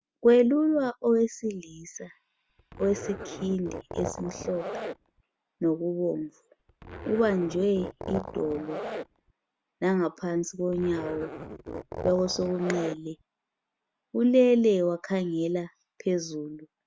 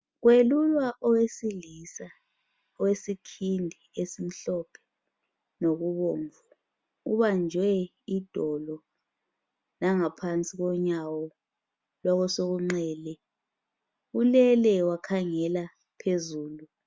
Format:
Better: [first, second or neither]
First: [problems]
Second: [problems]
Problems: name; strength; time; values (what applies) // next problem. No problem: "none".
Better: second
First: background sound (Zipper (clothing)); 10 dB below the speech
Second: none